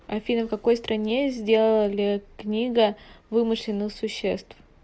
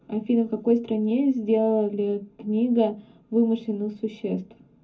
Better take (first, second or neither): first